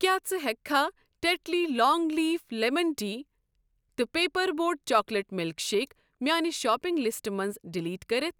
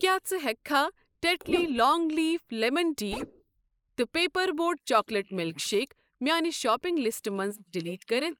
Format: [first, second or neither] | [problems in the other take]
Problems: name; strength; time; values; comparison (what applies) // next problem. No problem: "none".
first | noise reduction (neural mask model Resemble Enhance denoiser)